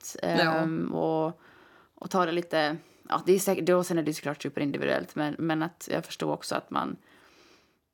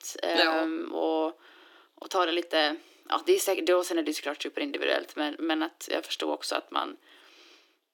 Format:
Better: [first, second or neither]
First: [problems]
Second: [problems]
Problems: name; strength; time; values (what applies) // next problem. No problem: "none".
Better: first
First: none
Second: thin; somewhat; fading below 300 Hz